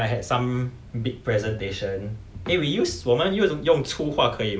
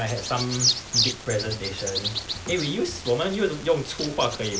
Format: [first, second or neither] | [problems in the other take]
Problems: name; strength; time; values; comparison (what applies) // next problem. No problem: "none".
first | background sound (Bird vocalization, bird call, bird song); 3 dB below the speech